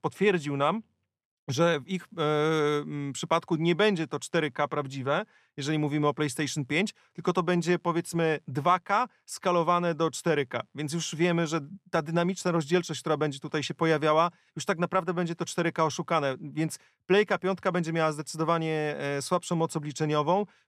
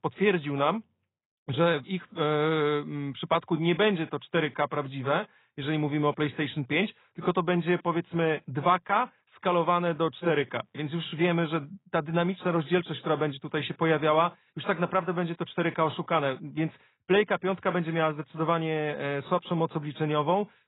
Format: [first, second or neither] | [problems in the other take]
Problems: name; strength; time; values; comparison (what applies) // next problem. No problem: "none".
first | garbled, watery; badly; nothing above 4 kHz